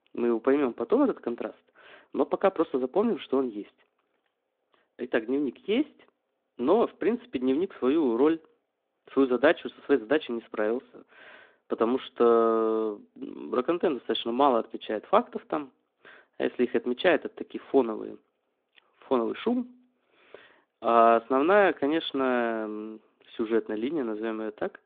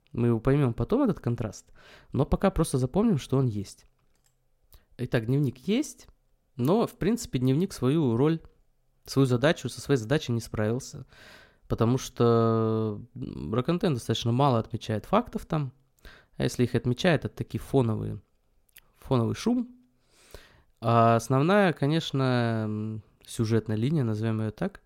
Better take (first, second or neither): second